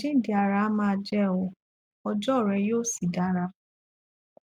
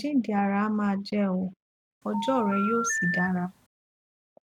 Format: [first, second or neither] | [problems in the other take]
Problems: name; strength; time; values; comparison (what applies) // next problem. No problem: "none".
first | background sound (Telephone); 3 dB below the speech